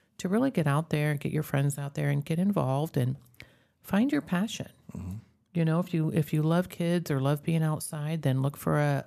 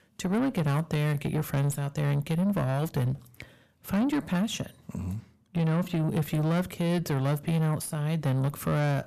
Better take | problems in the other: first | distortion; slight; 10 dB below the speech

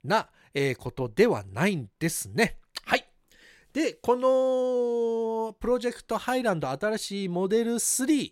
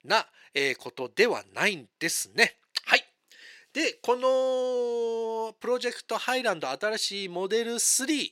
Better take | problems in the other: first | thin; somewhat; fading below 350 Hz

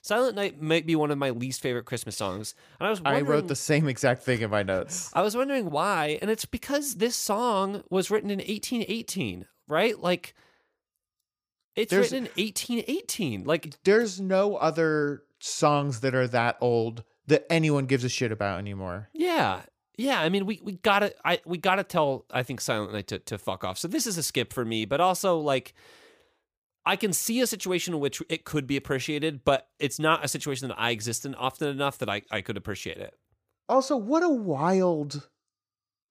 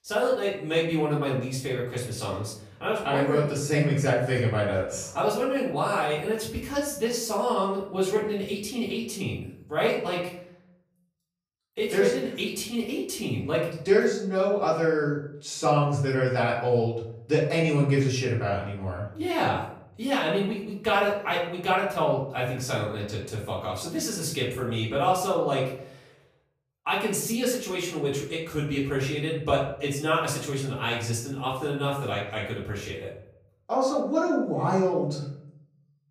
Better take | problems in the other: first | off-mic speech; far // room echo; noticeable; dies away in 0.6 s

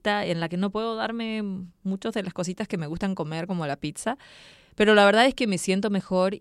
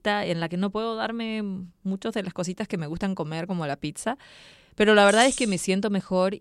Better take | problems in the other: first | jangling keys; noticeable; at 5 s; peak 4 dB below the speech

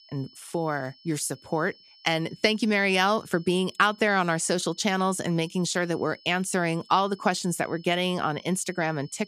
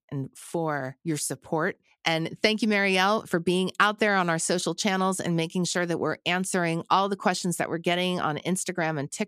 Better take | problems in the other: second | high-pitched whine; faint; throughout; 5.5 kHz, 25 dB below the speech

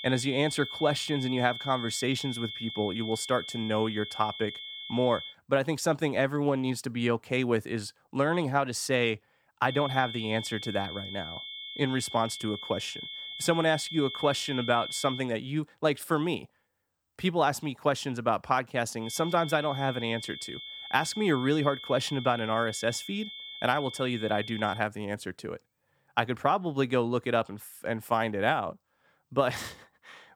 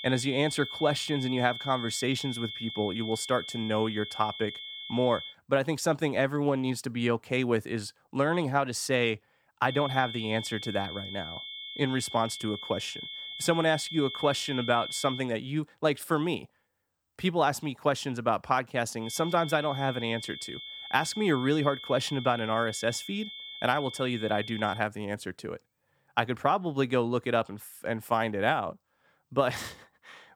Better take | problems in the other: neither | high-pitched whine; loud; until 5.5 s, from 9.5 to 15 s and from 19 to 25 s; 3.5 kHz, 9 dB below the speech; the same in both

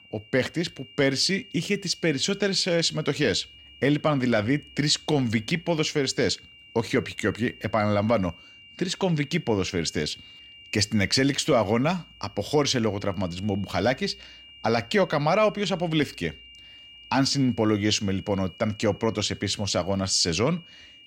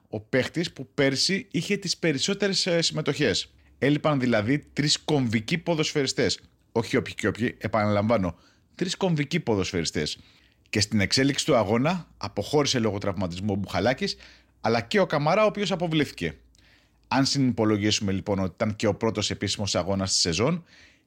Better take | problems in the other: second | high-pitched whine; faint; throughout; 3 kHz, 20 dB below the speech

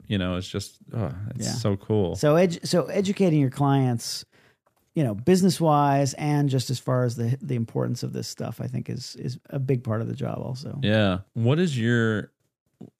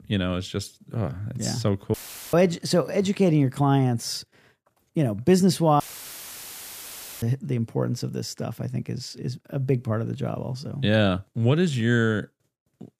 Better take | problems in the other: first | audio cutting out; filled with static; at 2 s and at 6 s for 1.5 s

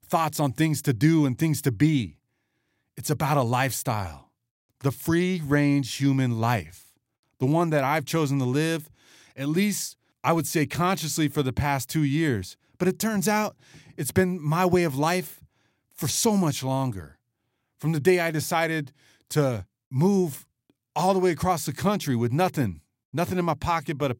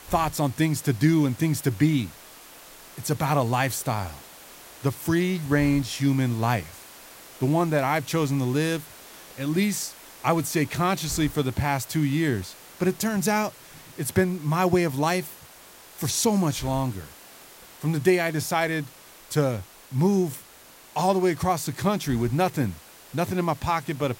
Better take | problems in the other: first | hiss; noticeable; throughout; 20 dB below the speech

